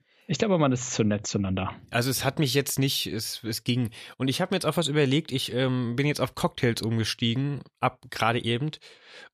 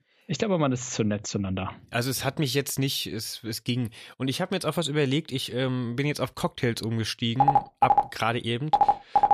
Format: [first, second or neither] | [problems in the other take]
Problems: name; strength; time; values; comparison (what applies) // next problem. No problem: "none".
first | phone ringing; loud; from 7.5 s on; peak 5 dB above the speech